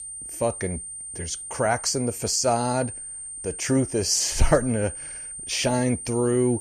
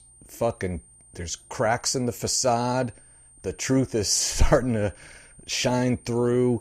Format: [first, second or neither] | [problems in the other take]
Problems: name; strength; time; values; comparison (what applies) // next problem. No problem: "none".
second | high-pitched whine; loud; throughout; 9 kHz, 9 dB below the speech; faint in the second